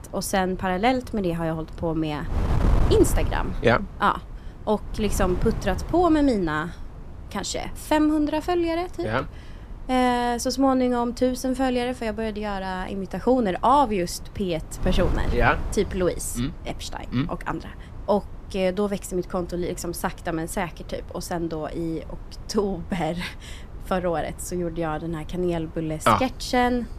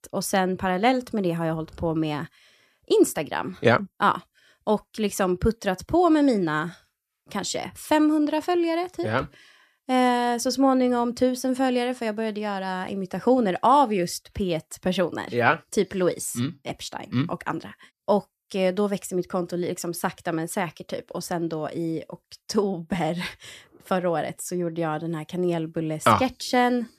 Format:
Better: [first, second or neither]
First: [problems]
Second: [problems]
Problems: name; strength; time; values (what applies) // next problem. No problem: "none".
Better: second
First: wind noise on the microphone; occasional gusts; 20 dB below the speech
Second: none